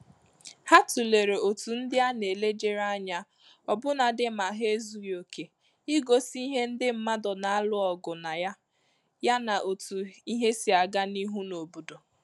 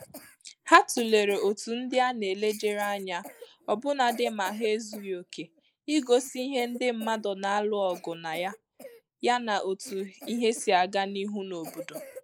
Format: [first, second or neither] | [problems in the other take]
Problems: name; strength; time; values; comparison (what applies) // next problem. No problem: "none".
first | noise reduction (neural mask model Resemble Enhance denoiser)